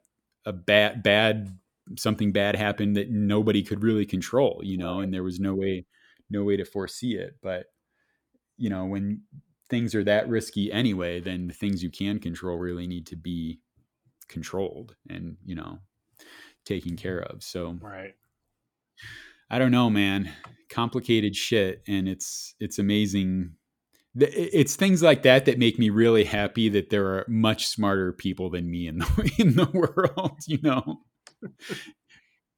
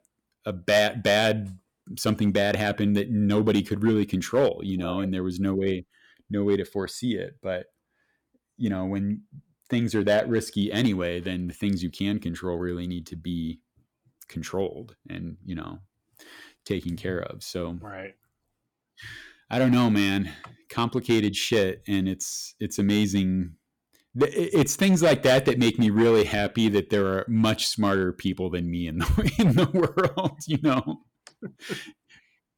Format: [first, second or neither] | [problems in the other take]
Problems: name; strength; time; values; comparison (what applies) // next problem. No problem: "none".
first | distortion; slight; 2% of the sound clipped